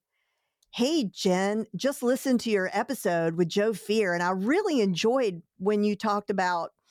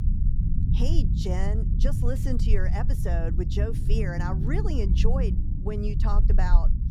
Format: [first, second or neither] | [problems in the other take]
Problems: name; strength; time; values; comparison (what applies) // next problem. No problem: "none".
first | low rumble; loud; throughout; 6 dB below the speech